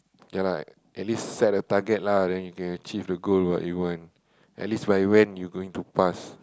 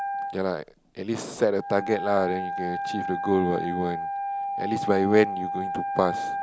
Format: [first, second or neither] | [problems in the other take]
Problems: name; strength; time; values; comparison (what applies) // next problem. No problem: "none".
first | background sound (Wind instrument, woodwind instrument); 4 dB below the speech